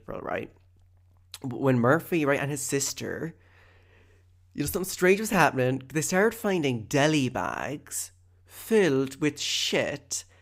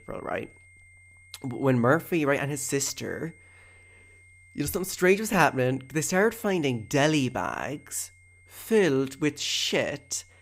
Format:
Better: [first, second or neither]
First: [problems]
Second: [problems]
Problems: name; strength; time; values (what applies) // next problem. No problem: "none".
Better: first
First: none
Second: high-pitched whine; faint; throughout; 2 kHz, 30 dB below the speech